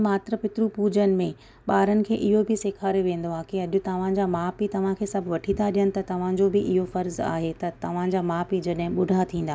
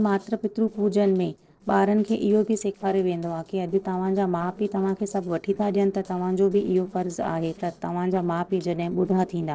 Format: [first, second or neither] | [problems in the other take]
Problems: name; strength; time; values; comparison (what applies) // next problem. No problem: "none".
first | noise reduction (neural separator model SepFormer DNS4)